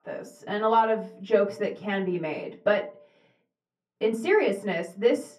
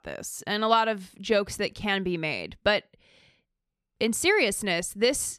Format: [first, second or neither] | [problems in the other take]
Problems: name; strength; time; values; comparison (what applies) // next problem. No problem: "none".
second | room echo; slight; dies away in 0.4 s // off-mic speech; far